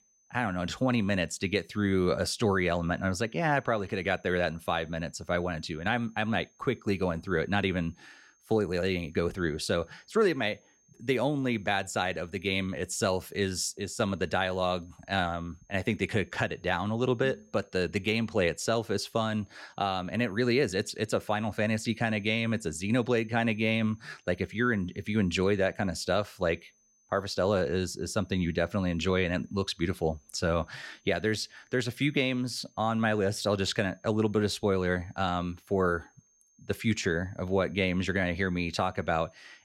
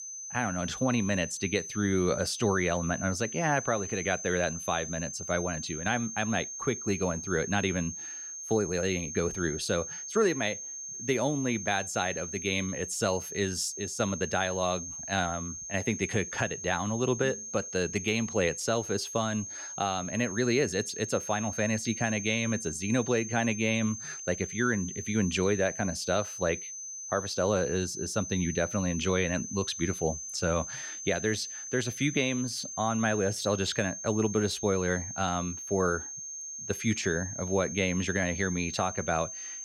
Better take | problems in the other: first | high-pitched whine; loud; throughout; 6.5 kHz, 7 dB below the speech; faint in the first

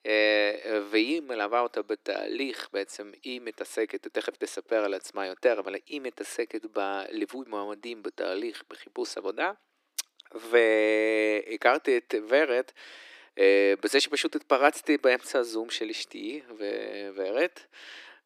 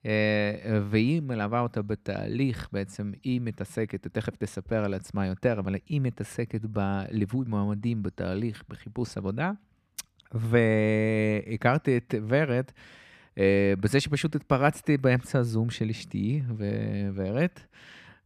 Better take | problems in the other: second | thin; very; fading below 300 Hz

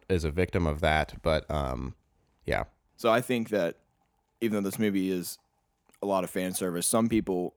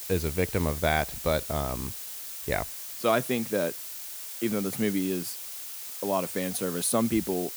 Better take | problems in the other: first | hiss; loud; throughout; 6 dB below the speech

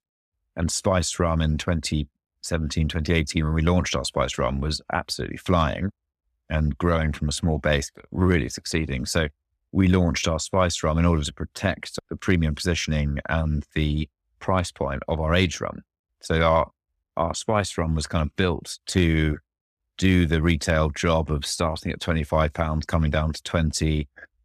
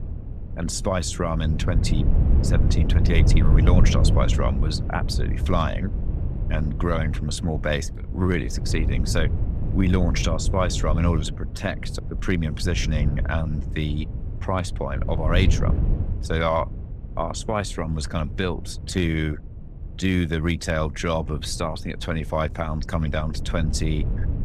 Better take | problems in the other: first | wind noise on the microphone; occasional gusts; 10 dB below the speech

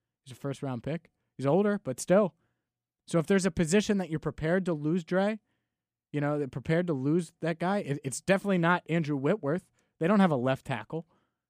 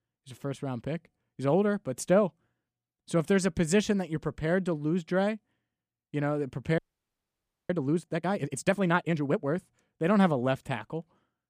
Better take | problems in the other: first | audio freezing; at 7 s for 1 s

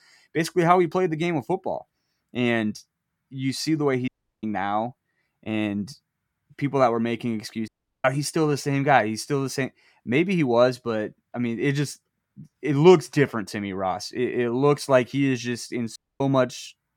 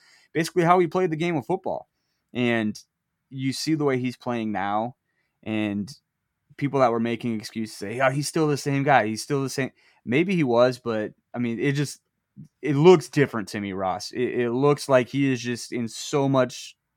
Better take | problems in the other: second | audio cutting out; at 4 s, at 7.5 s and at 16 s

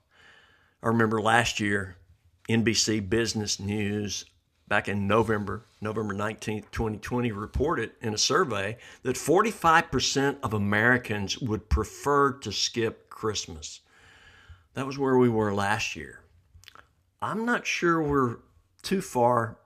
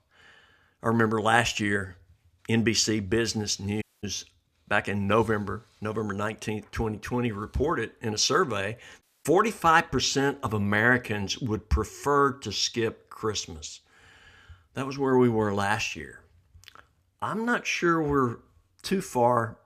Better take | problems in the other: first | audio cutting out; at 4 s and at 9 s

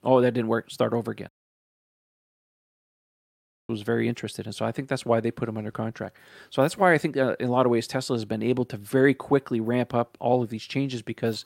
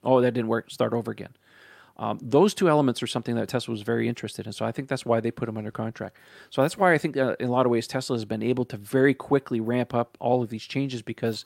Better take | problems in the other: second | audio cutting out; at 1.5 s for 2.5 s

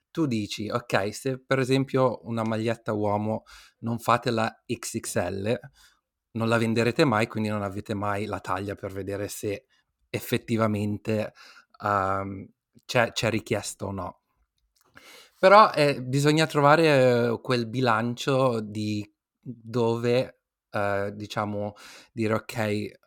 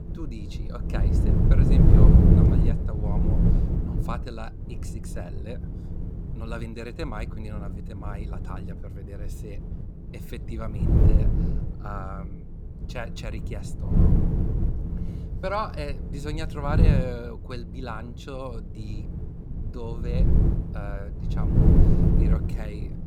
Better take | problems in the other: first | wind noise on the microphone; heavy; 3 dB above the speech

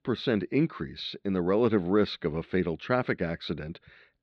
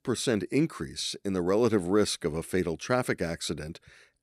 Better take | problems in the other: second | muffled; slightly; fading above 4 kHz

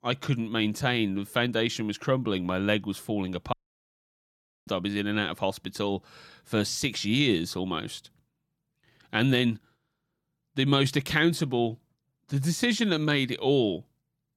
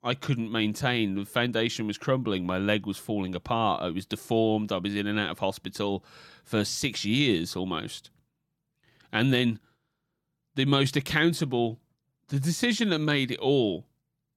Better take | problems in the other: second | audio cutting out; at 3.5 s for 1 s

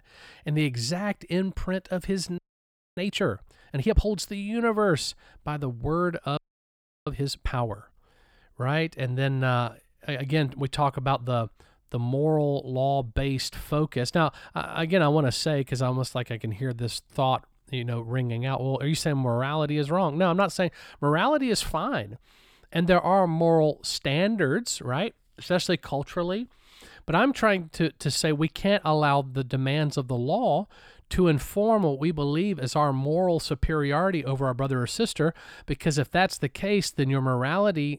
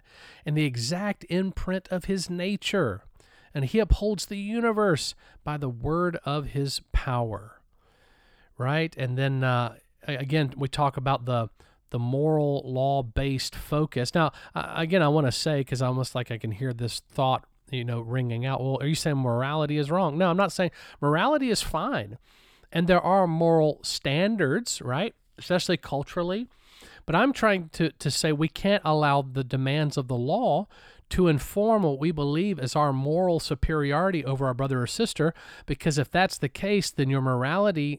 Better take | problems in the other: second | audio freezing; at 2.5 s for 0.5 s and at 6.5 s for 0.5 s

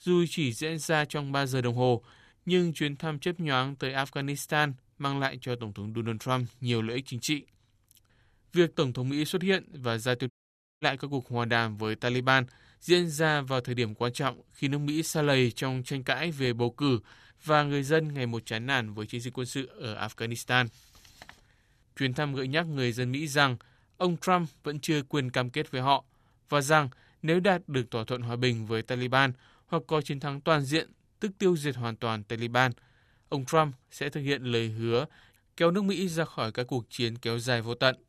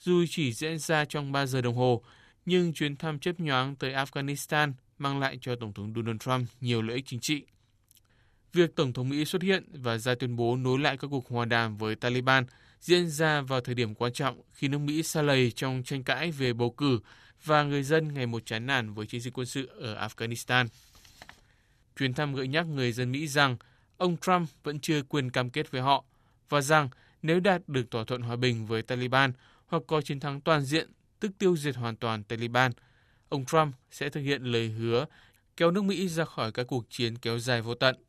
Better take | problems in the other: second | audio cutting out; at 10 s for 0.5 s

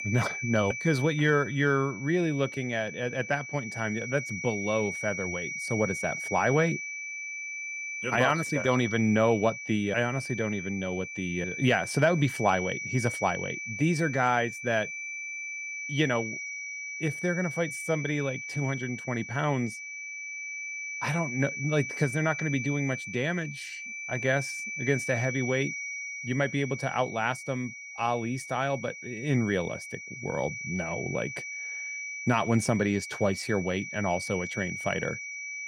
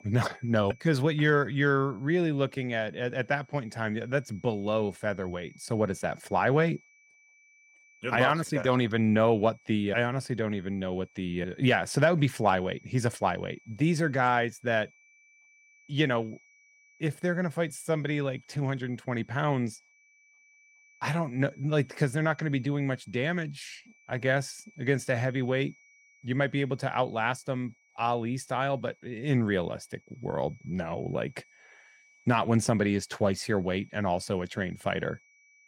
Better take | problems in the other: second | high-pitched whine; loud; throughout; 2.5 kHz, 6 dB below the speech; faint in the second

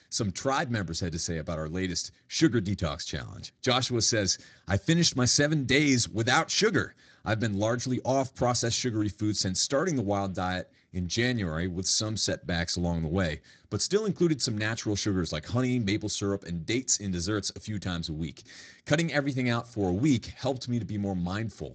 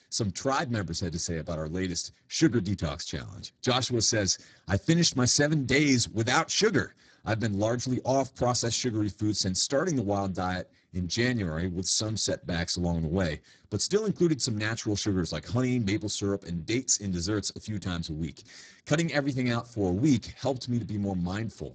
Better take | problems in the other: first | garbled, watery; badly; nothing above 7.5 kHz; slightly in the first

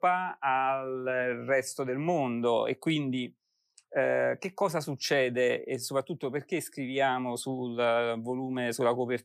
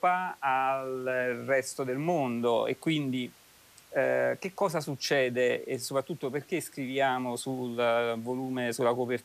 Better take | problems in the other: first | hiss; faint; throughout; 25 dB below the speech

